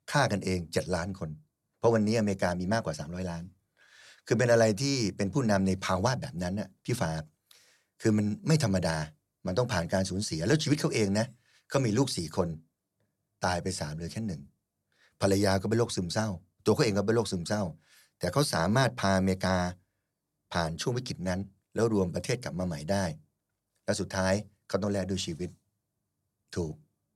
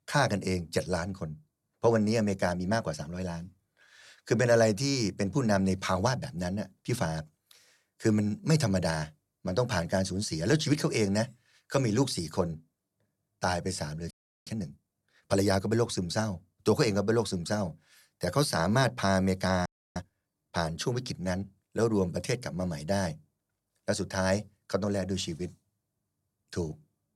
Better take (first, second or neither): first